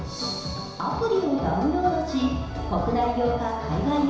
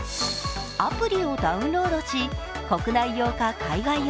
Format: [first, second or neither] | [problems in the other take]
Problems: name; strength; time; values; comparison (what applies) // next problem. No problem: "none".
second | background sound (Motorcycle / Engine); 18 dB below the speech // room echo; dies away in 1 s